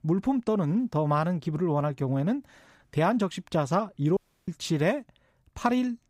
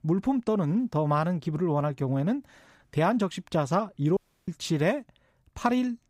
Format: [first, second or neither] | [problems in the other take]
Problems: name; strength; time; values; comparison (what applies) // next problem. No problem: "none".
neither | audio cutting out; at 4 s; the same in both